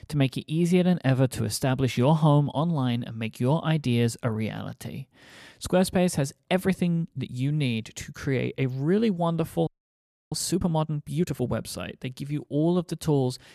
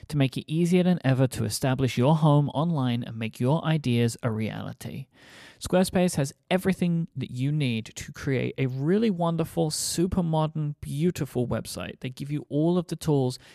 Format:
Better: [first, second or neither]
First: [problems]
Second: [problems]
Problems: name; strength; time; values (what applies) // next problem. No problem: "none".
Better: second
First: audio freezing; at 9.5 s for 0.5 s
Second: none